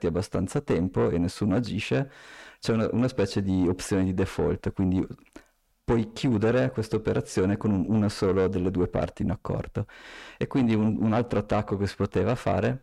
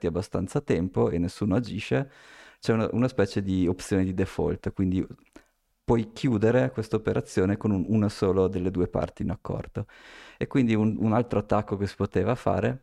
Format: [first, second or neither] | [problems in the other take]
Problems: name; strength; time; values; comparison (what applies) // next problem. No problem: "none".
second | distortion; slight; 10 dB below the speech